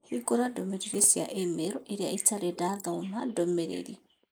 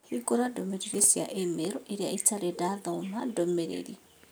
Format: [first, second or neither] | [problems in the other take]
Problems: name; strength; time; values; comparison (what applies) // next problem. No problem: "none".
second | noise reduction (neural mask model Resemble Enhance denoiser)